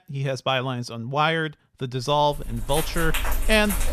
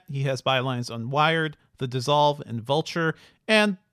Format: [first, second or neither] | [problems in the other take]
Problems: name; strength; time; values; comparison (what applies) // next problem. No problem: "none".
second | household noises; loud; from 2.5 s on; 5 dB below the speech